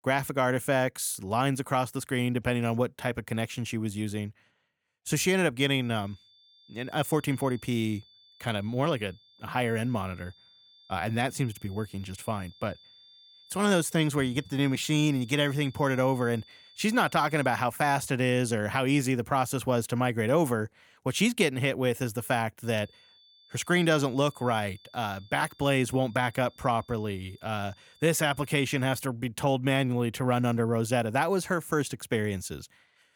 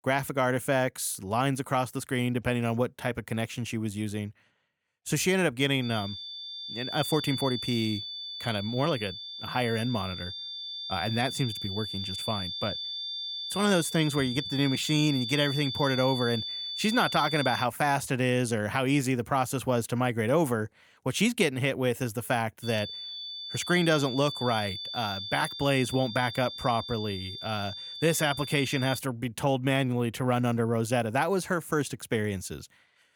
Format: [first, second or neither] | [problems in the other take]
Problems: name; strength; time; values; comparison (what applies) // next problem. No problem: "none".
first | high-pitched whine; loud; from 6 to 18 s and from 23 to 29 s; 3.5 kHz, 6 dB below the speech; faint in the first